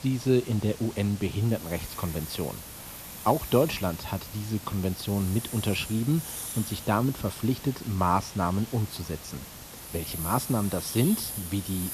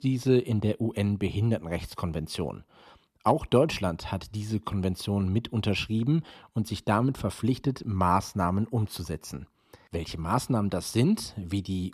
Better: second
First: hiss; loud; throughout; 9 dB below the speech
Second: none

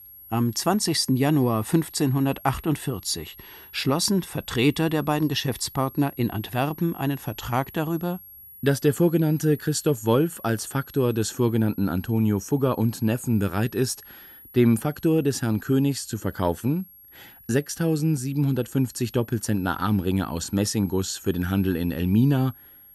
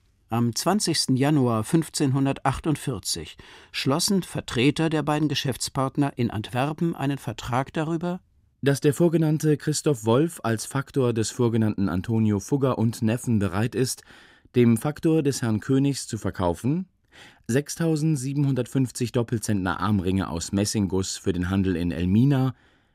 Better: second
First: high-pitched whine; noticeable; throughout; 11.5 kHz, 20 dB below the speech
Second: none

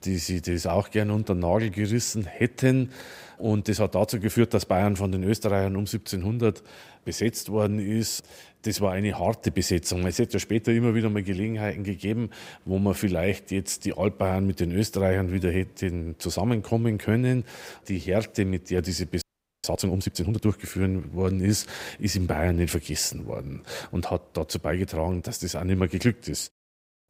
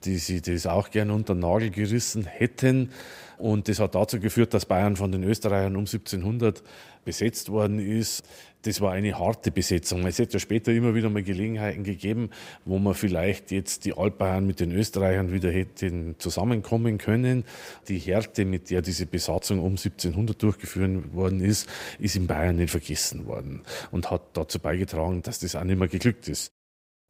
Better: second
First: audio freezing; at 19 s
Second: none

